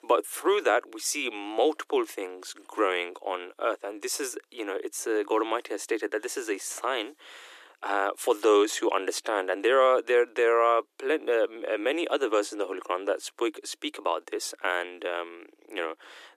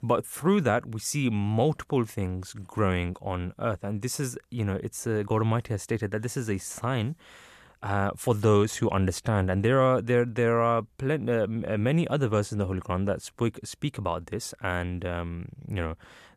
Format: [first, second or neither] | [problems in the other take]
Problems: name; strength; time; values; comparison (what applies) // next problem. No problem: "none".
second | thin; very; fading below 300 Hz